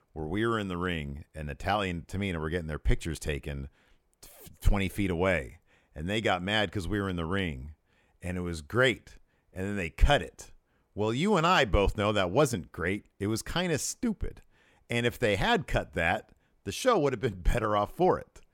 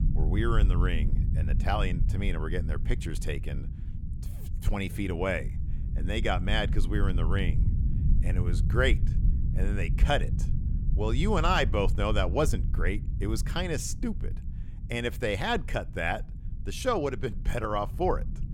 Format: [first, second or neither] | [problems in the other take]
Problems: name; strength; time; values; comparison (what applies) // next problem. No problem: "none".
first | low rumble; noticeable; throughout; 15 dB below the speech